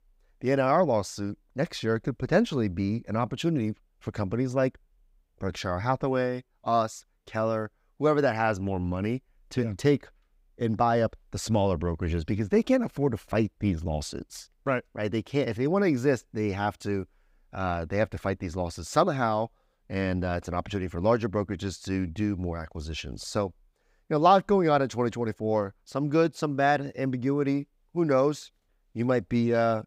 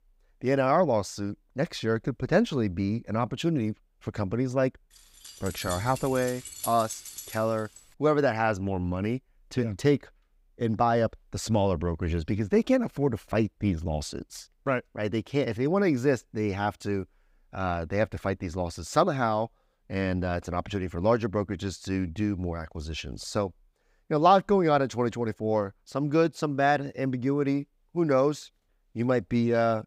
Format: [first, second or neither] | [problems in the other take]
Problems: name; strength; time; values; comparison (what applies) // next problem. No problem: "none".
first | jangling keys; noticeable; from 5 to 8 s; peak 8 dB below the speech